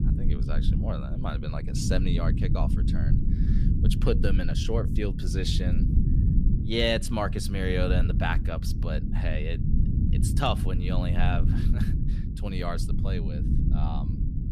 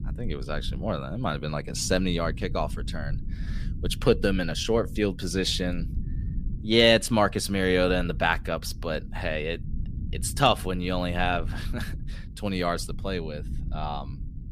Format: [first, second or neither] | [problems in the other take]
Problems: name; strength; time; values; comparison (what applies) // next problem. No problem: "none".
second | low rumble; loud; throughout; 7 dB below the speech; faint in the second